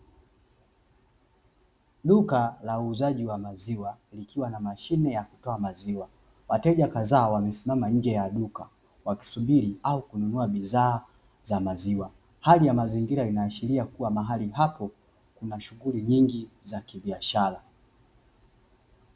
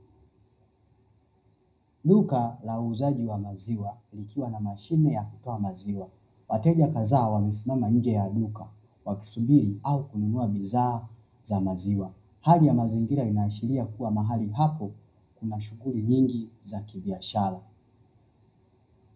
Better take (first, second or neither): first